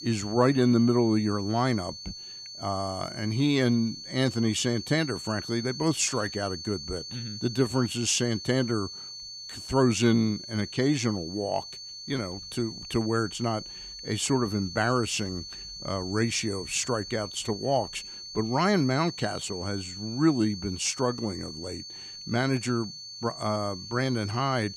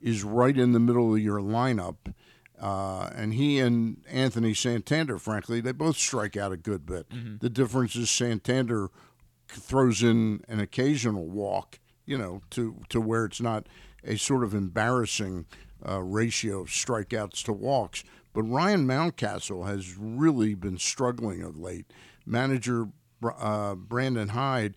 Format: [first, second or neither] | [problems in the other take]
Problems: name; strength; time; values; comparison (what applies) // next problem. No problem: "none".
second | high-pitched whine; noticeable; throughout; 4.5 kHz, 10 dB below the speech